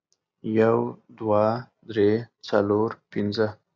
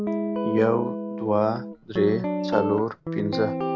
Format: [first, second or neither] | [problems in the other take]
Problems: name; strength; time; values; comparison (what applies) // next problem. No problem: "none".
first | background sound (Guitar); 2 dB below the speech